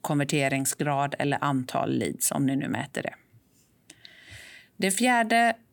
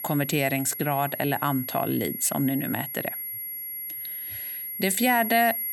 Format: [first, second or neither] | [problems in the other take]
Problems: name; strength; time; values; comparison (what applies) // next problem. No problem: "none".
first | high-pitched whine; loud; throughout; 11.5 kHz, 6 dB below the speech